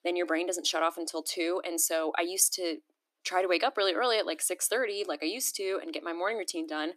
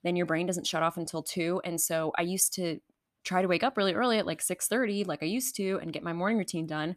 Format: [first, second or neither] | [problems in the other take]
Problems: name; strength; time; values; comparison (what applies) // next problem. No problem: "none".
second | thin; very; fading below 300 Hz